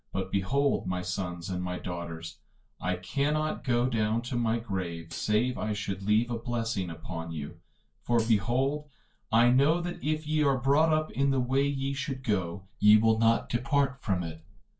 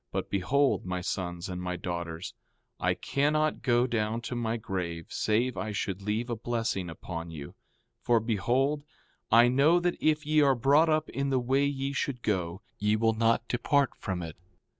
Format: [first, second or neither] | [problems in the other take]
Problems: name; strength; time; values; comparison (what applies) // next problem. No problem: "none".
second | background sound (Hi-hat); 19 dB below the speech // room echo; dies away in 0.2 s